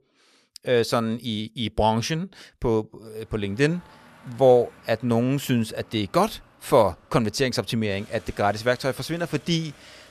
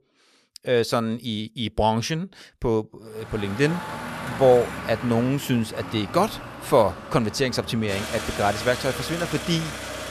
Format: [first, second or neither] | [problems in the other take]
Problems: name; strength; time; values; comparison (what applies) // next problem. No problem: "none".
first | traffic noise; loud; from 3.5 s on; 9 dB below the speech; faint in the first